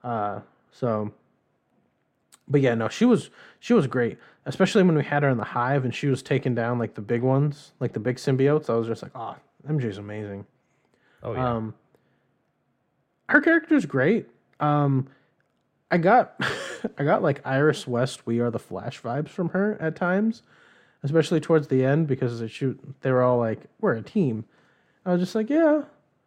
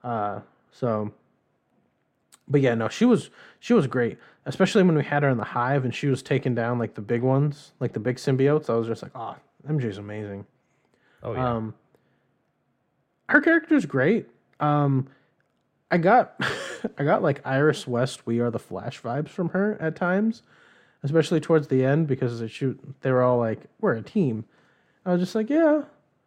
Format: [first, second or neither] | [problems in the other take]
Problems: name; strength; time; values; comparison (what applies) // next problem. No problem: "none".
neither | muffled; slightly; fading above 3.5 kHz; the same in both